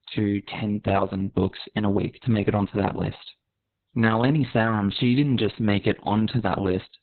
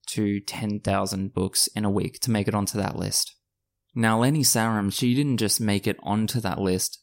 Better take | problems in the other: second | garbled, watery; badly; nothing above 4 kHz

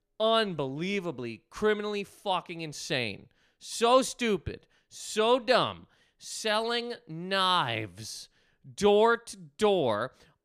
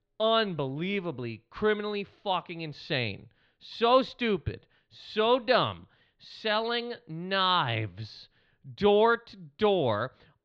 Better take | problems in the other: first | muffled; very slightly; fading above 4 kHz

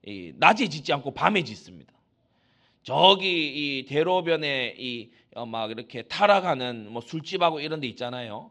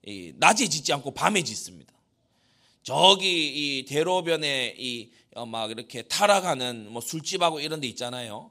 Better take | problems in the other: second | muffled; slightly; fading above 3.5 kHz

